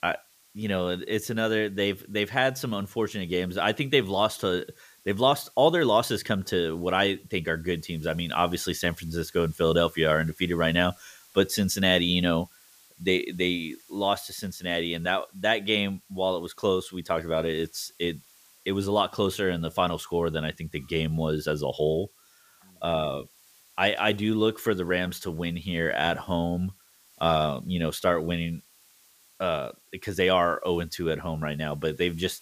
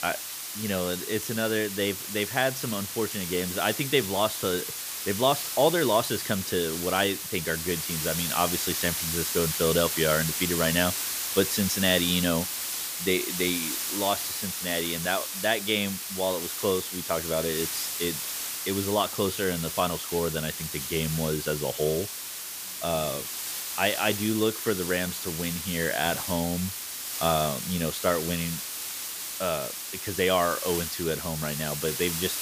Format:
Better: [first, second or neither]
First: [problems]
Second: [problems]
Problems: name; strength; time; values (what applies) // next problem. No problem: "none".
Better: first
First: hiss; faint; throughout; 30 dB below the speech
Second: hiss; loud; throughout; 3 dB below the speech